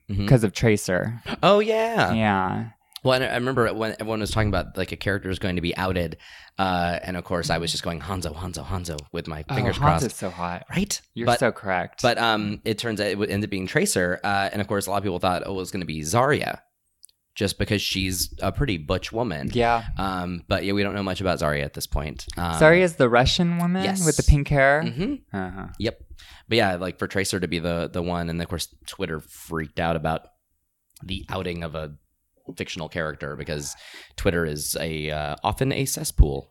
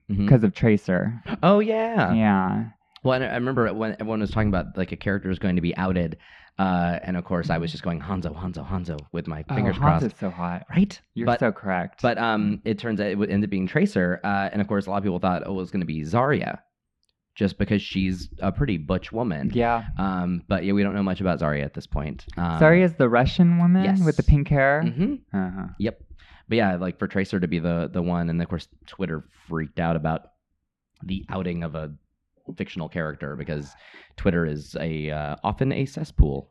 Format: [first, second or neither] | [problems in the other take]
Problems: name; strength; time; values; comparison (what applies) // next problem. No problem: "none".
first | muffled; slightly; fading above 2.5 kHz